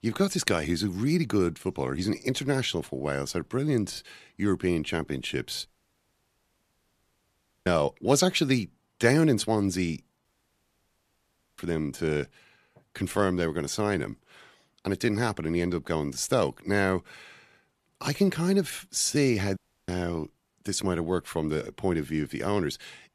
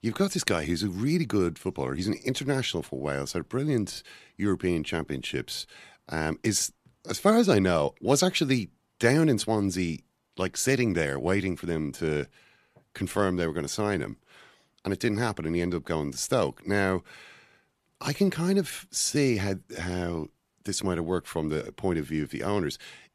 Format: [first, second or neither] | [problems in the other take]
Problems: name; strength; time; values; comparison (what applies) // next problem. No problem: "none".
second | audio cutting out; at 5.5 s for 2 s, at 10 s for 1.5 s and at 20 s